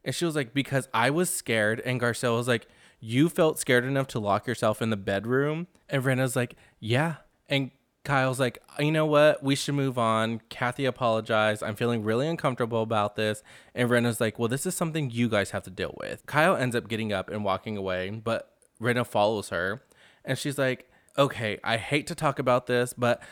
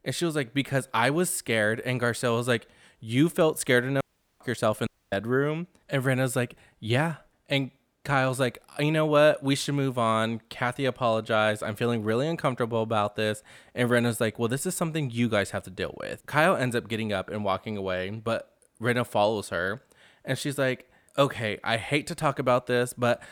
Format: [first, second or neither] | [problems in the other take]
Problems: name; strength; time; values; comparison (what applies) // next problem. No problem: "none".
first | audio cutting out; at 4 s and at 5 s